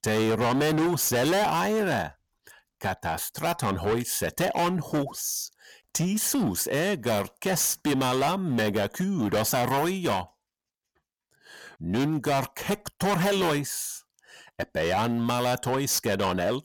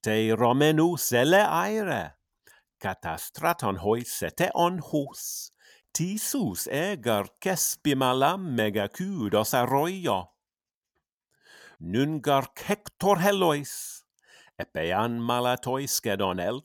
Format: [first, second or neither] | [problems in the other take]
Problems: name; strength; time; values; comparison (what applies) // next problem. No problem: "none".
second | distortion; heavy; 17% of the sound clipped